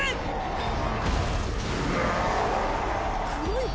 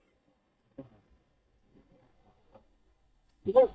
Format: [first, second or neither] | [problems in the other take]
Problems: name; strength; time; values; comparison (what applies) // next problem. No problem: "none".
first | noise reduction (neural mask model DeepFilterNet 3)